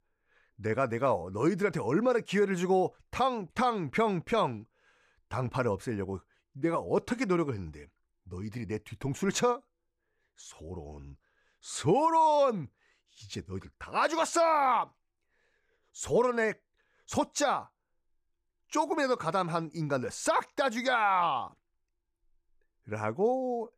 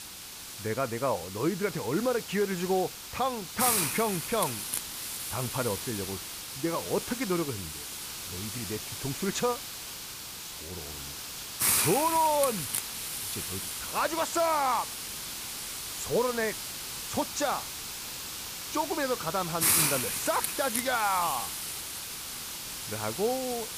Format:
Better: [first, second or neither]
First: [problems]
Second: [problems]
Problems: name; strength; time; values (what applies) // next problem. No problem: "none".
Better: first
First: none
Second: hiss; loud; throughout; 2 dB below the speech